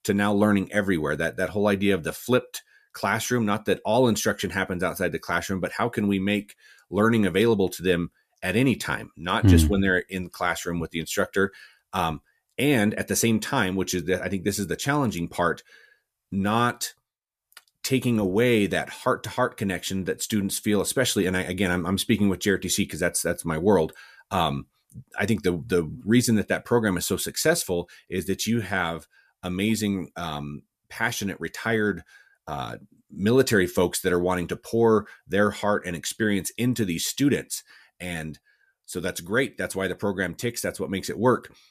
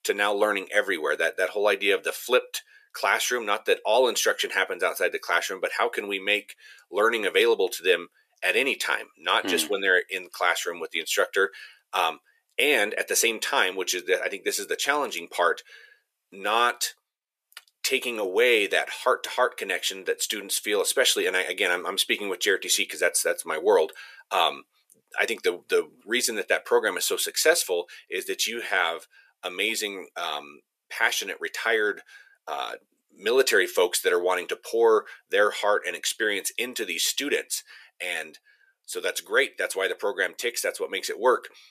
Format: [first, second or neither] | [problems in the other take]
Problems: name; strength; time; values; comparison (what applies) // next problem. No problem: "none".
first | thin; very; fading below 450 Hz